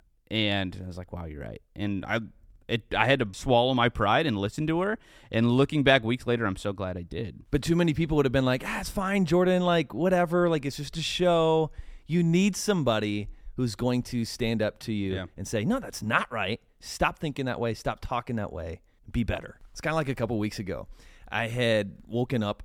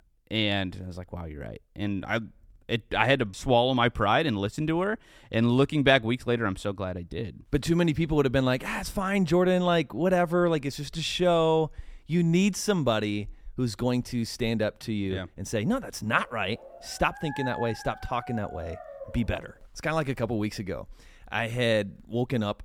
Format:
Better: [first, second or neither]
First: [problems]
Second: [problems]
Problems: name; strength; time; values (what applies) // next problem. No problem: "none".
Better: first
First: none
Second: dog barking; noticeable; from 16 to 19 s; peak 9 dB below the speech